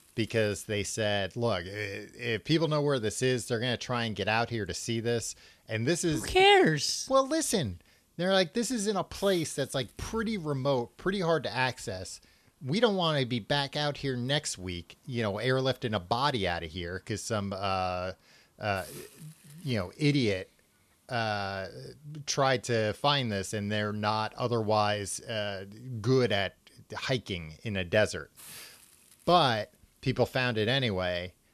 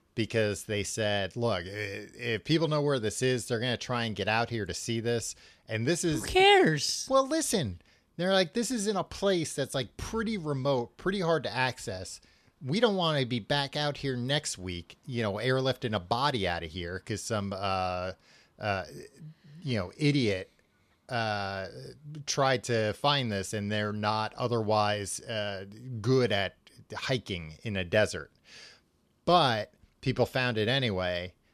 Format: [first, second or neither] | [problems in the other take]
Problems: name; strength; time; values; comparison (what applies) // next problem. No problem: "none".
second | hiss; faint; throughout; 30 dB below the speech